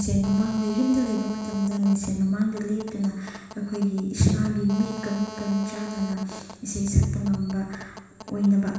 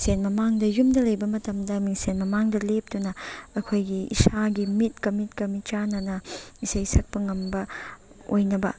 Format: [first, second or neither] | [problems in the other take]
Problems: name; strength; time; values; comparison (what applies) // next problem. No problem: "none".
second | background sound (Telephone); 15 dB below the speech // room echo; dies away in 1.1 s